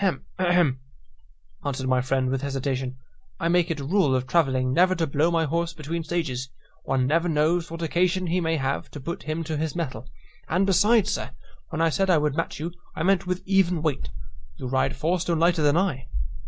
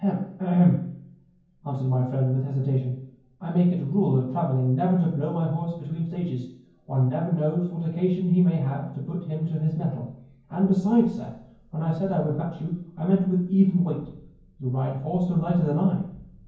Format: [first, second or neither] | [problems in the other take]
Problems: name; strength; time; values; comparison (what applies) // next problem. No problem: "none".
first | room echo; dies away in 0.9 s